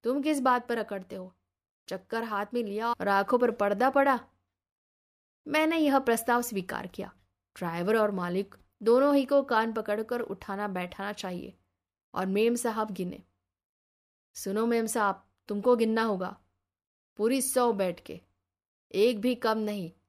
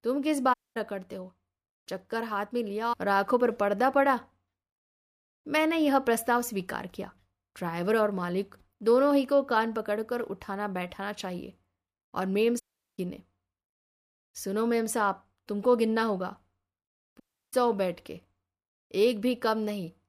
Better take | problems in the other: first | audio cutting out; at 0.5 s, at 13 s and at 17 s

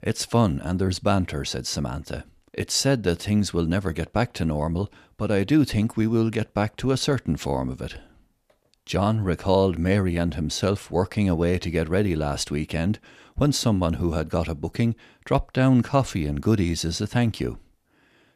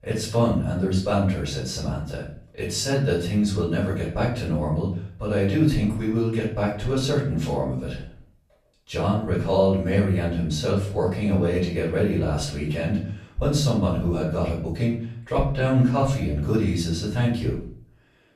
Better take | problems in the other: first | off-mic speech; far // room echo; noticeable; dies away in 0.5 s

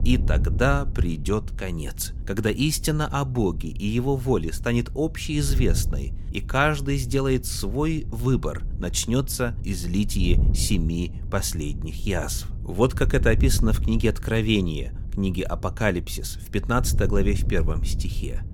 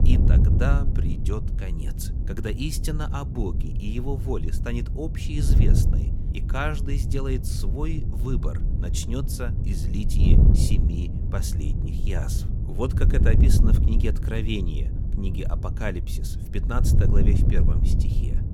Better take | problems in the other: first | wind noise on the microphone; heavy; 4 dB below the speech; occasional gusts in the first

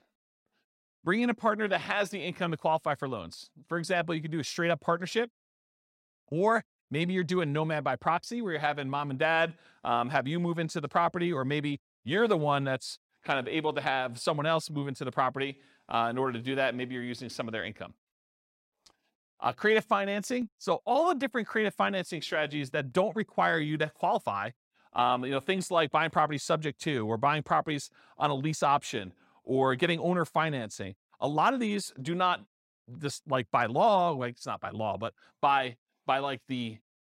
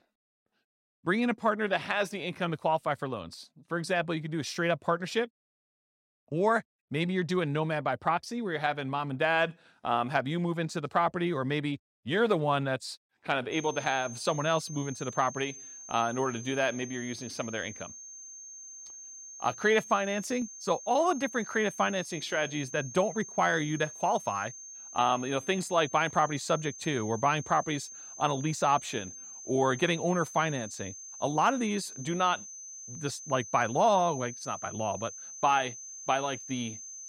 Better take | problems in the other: first | high-pitched whine; noticeable; from 14 s on; 6.5 kHz, 10 dB below the speech

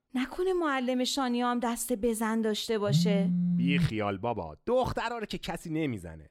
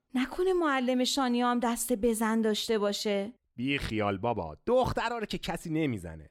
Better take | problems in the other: second | phone ringing; loud; from 3 to 4 s; peak 4 dB above the speech

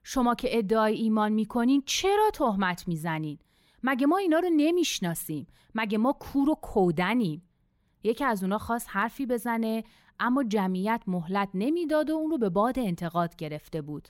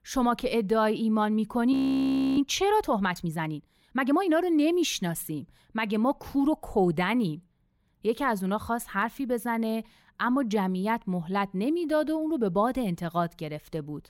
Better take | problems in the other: first | audio freezing; at 1.5 s for 0.5 s

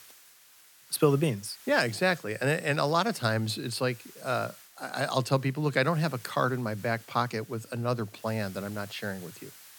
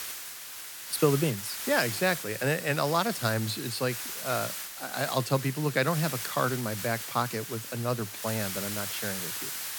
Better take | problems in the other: first | hiss; loud; throughout; 5 dB below the speech; faint in the first

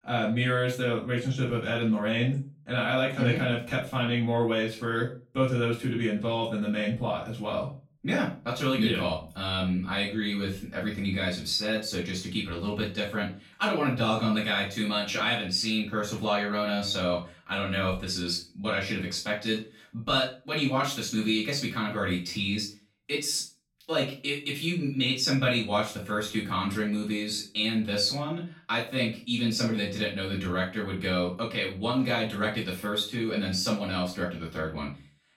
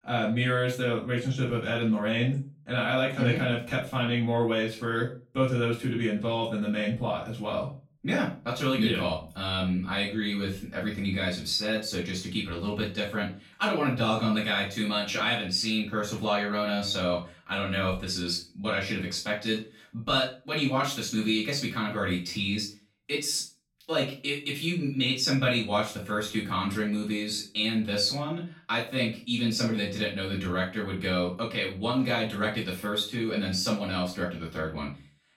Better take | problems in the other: neither | off-mic speech; far; the same in both // room echo; slight; dies away in 0.3 s; the same in both

